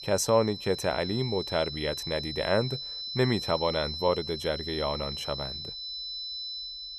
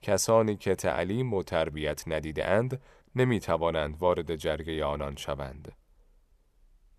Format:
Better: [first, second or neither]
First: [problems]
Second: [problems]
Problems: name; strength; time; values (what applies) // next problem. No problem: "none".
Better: second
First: high-pitched whine; loud; throughout; 4 kHz, 6 dB below the speech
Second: none